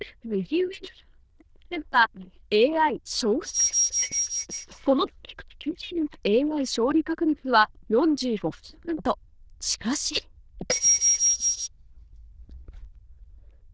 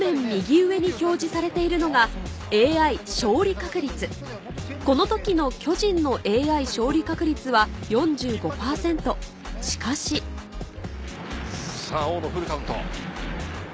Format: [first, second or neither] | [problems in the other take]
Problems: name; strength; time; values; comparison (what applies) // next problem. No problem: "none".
second | noise reduction (neural diffusion model UNIVERSE++)